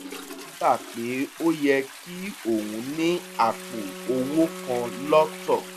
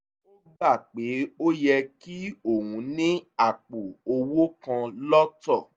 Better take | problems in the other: second | background sound (Toilet flush + Wind instrument, woodwind instrument); 13 dB below the speech

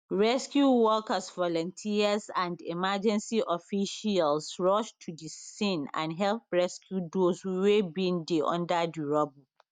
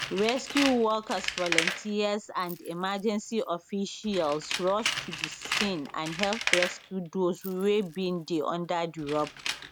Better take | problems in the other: first | background sound (Tools); 5 dB below the speech

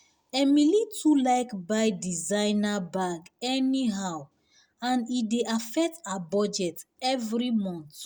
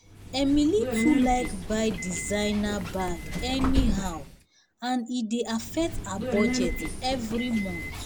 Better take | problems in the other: first | background sound (Subway, metro, underground); 3 dB below the speech

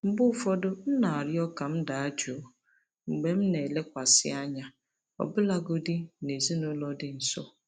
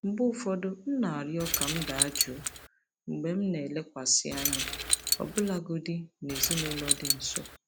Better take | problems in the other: first | background sound (Keys jangling); 1 dB above the speech

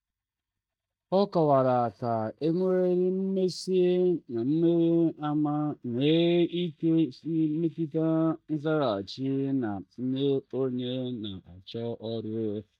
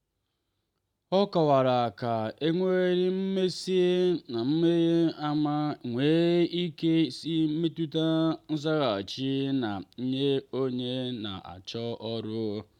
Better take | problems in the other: second | noise reduction (neural mask model DeepFilterNet 3)

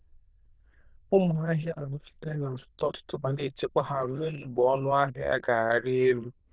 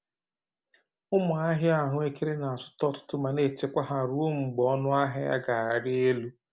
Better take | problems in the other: second | noise reduction (neural diffusion model UNIVERSE++)

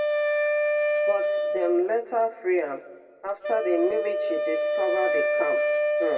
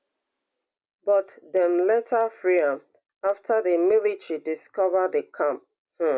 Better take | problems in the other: second | background sound (Wind instrument, woodwind instrument); 3 dB above the speech // room echo; dies away in 1.1 s

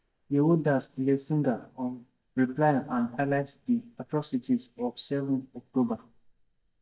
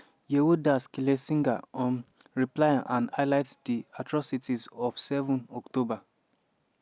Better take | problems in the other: second | noise reduction (neural mask model DeepFilterNet 3)

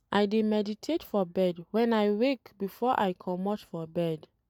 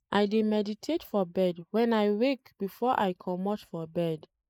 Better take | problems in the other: first | noise reduction (neural mask model Resemble Enhance denoiser)

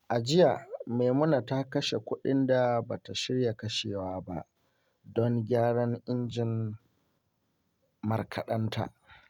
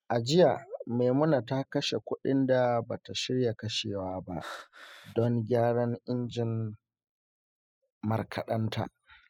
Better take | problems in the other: first | noise reduction (classical method spectral subtraction)

